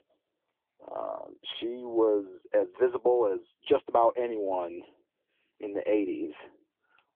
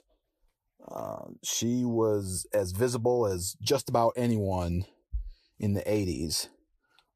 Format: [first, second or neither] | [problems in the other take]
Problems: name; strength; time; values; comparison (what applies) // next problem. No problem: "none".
second | phone-call audio; nothing above 3.5 kHz